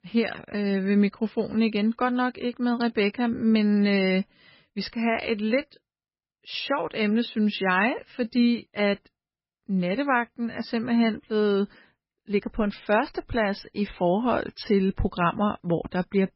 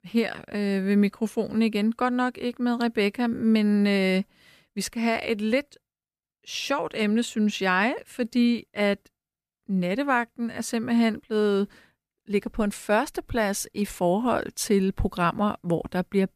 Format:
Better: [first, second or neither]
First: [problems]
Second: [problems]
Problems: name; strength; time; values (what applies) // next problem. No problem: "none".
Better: second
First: garbled, watery; badly; nothing above 5.5 kHz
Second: none